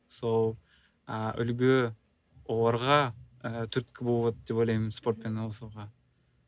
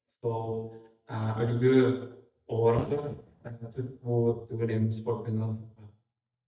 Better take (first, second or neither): first